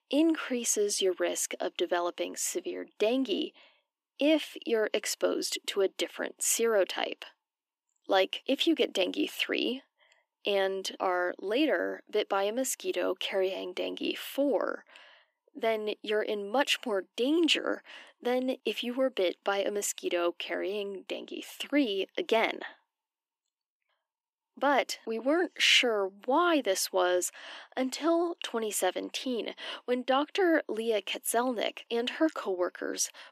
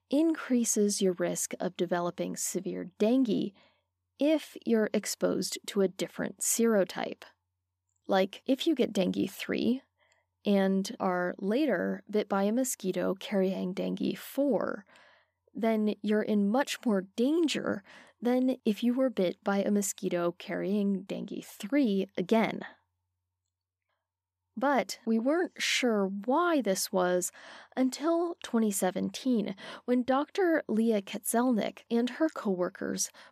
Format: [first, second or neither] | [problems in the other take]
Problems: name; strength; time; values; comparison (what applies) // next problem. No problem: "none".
second | thin; somewhat; fading below 300 Hz